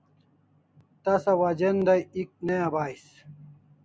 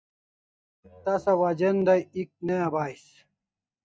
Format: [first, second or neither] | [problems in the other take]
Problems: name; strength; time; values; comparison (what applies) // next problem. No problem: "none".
first | noise reduction (neural mask model DeepFilterNet 3)